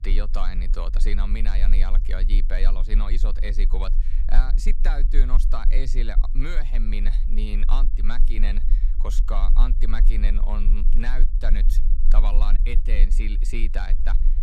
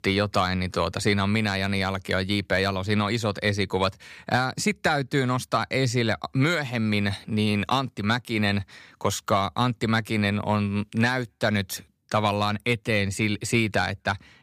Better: second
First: low rumble; noticeable; throughout; 15 dB below the speech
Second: none

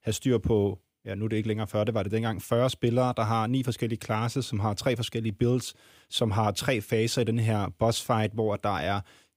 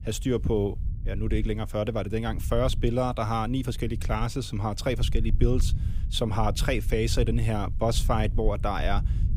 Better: first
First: none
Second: low rumble; noticeable; throughout; 20 dB below the speech

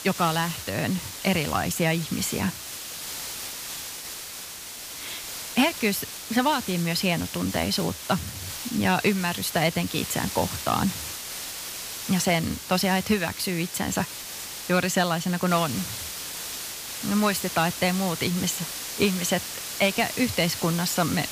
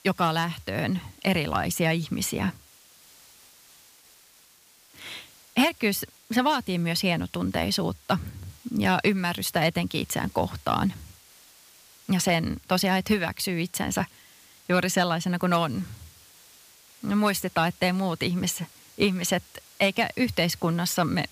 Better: second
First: hiss; loud; throughout; 7 dB below the speech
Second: hiss; faint; throughout; 25 dB below the speech

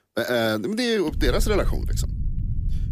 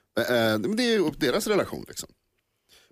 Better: second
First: low rumble; faint; from 1 s on; 20 dB below the speech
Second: none

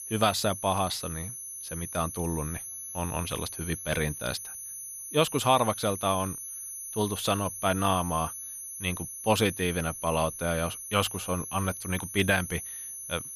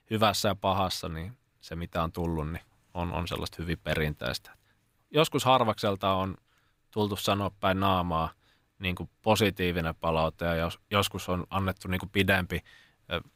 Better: second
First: high-pitched whine; loud; throughout; 10.5 kHz, 8 dB below the speech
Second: none

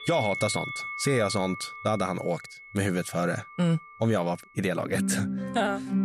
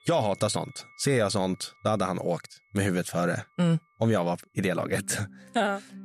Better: second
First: background music; loud; throughout; 6 dB below the speech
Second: background music; faint; throughout; 25 dB below the speech

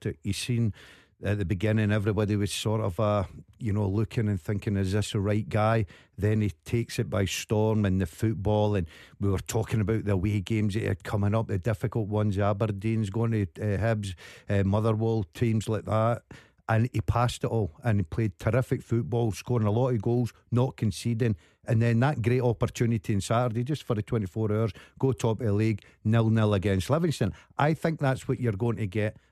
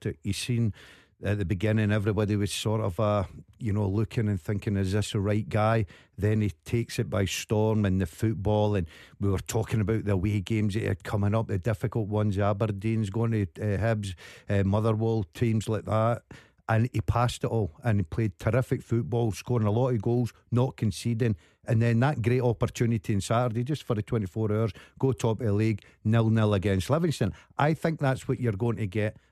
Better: neither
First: none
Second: none

